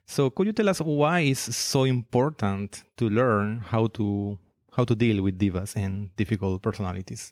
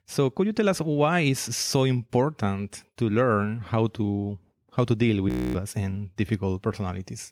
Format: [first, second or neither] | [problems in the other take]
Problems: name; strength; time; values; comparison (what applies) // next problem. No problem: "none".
first | audio freezing; at 5.5 s